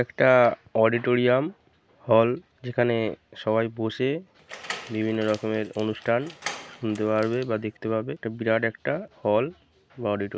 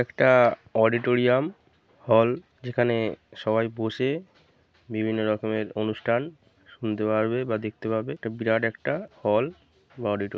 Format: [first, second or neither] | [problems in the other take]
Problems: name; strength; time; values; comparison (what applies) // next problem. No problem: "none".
second | background sound (Door); 16 dB below the speech